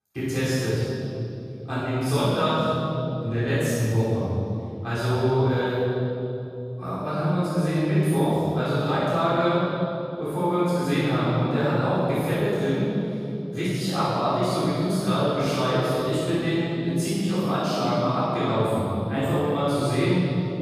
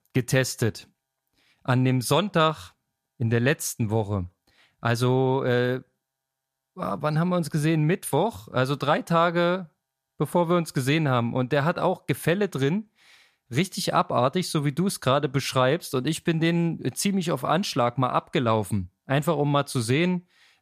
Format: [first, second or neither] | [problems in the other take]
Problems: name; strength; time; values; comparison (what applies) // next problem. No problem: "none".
second | off-mic speech; far // room echo; strong; dies away in 2.9 s